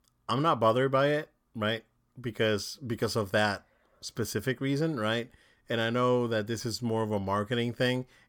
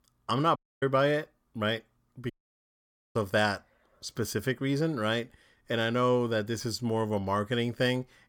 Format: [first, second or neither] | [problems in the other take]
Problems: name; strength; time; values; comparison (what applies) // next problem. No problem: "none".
first | audio cutting out; at 0.5 s and at 2.5 s for 1 s